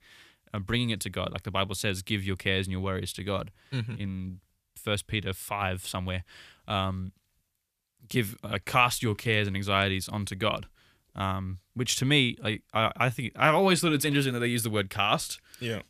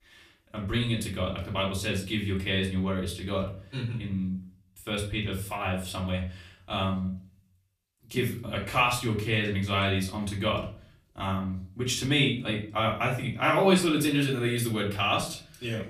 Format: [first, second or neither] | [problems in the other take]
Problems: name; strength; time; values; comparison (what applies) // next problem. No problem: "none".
first | off-mic speech; far // room echo; slight; dies away in 0.4 s